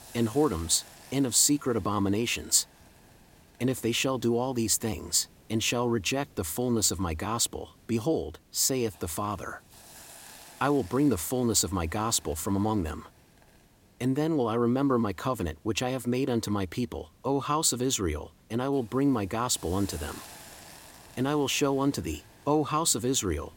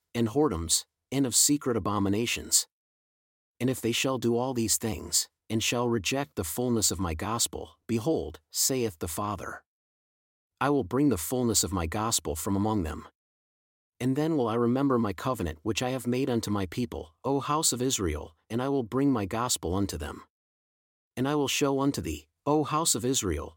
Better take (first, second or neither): second